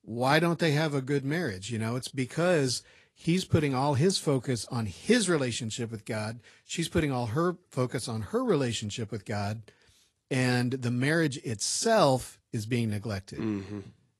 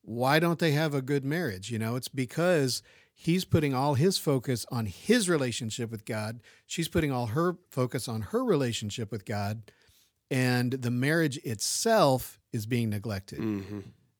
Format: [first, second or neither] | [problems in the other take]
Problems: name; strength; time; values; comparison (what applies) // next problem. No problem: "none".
second | garbled, watery; slightly; nothing above 11 kHz